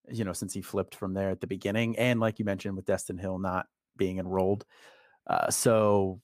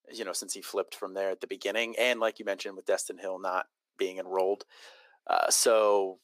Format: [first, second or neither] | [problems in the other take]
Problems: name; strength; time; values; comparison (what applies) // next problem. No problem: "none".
first | thin; very; fading below 350 Hz